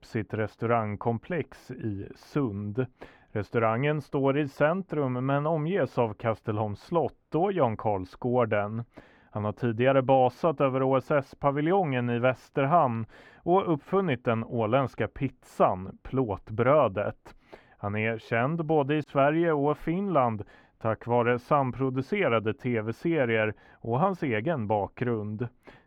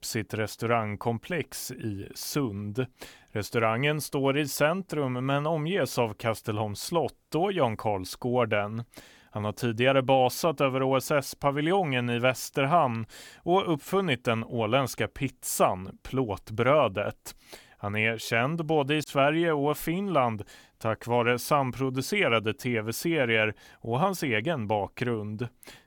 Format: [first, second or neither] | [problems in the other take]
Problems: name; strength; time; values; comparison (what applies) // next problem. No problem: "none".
second | muffled; very; fading above 3.5 kHz